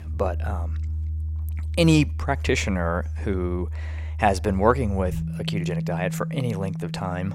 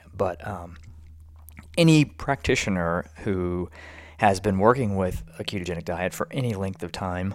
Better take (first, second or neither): second